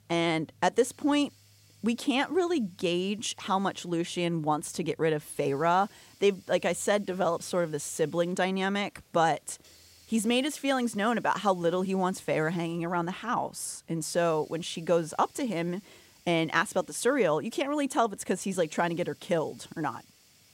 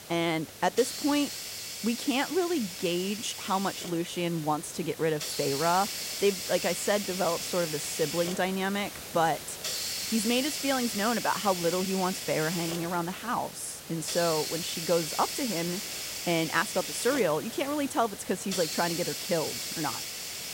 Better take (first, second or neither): first